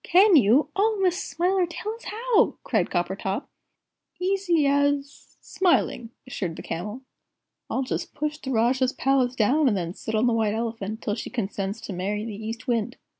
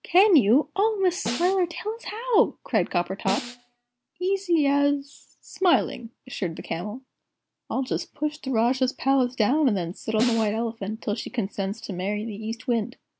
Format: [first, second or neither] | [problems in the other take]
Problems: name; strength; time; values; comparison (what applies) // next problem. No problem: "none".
first | background sound (Snare drum); 10 dB below the speech